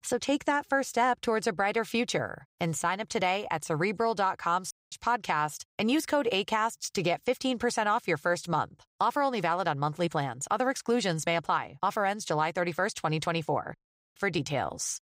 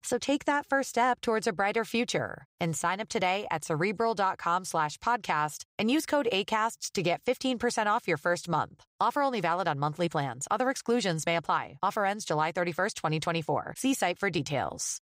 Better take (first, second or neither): second